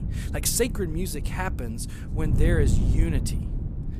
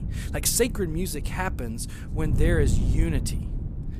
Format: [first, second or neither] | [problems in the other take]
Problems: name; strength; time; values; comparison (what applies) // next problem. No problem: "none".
second | wind noise on the microphone; heavy; 9 dB below the speech; occasional gusts in the second